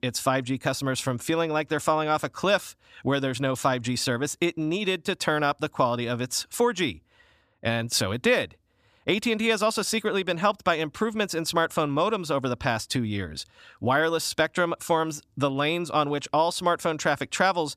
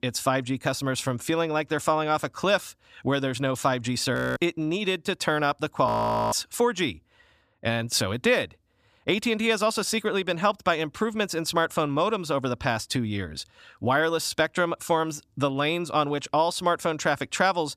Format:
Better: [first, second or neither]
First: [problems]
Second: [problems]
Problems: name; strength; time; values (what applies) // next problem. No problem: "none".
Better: first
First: none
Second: audio freezing; at 4 s and at 6 s